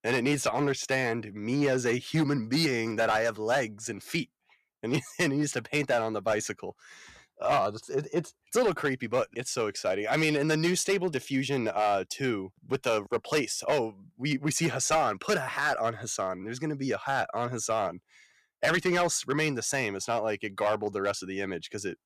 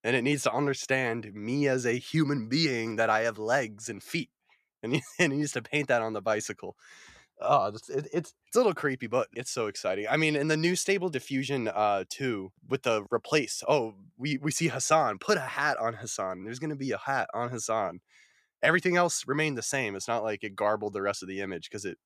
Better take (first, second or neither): second